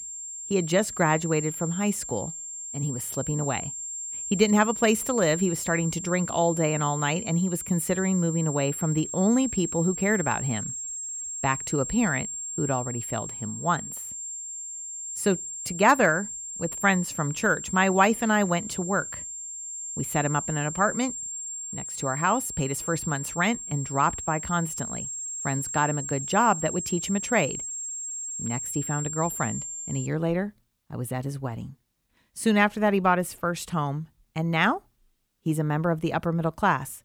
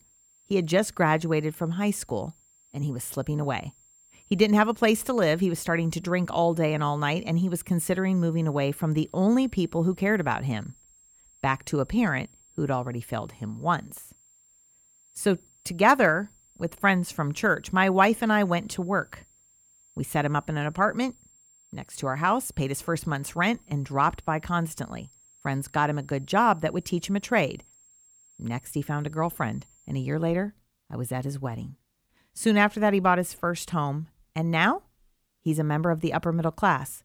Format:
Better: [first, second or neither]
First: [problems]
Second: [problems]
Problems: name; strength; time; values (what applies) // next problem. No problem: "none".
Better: second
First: high-pitched whine; loud; until 30 s; 7.5 kHz, 6 dB below the speech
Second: high-pitched whine; faint; until 30 s; 7.5 kHz, 30 dB below the speech